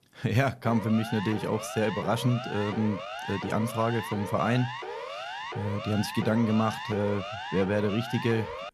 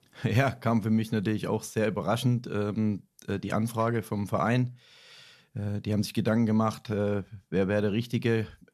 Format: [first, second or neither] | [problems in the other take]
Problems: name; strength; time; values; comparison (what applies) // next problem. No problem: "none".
second | siren; noticeable; from 0.5 s on; peak 7 dB below the speech